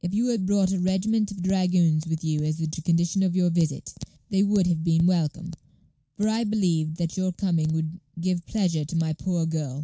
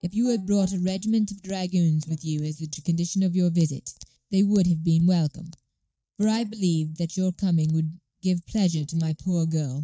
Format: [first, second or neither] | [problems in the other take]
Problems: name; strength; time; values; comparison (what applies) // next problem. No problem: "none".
first | noise reduction (neural mask model DeepFilterNet 3)